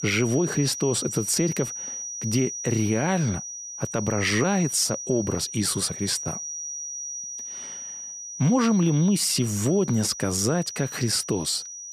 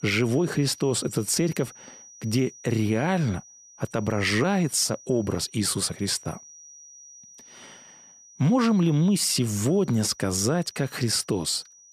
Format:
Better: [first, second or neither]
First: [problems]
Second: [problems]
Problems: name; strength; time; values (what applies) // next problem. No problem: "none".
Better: second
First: high-pitched whine; loud; throughout; 6 kHz, 8 dB below the speech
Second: high-pitched whine; faint; throughout; 6 kHz, 20 dB below the speech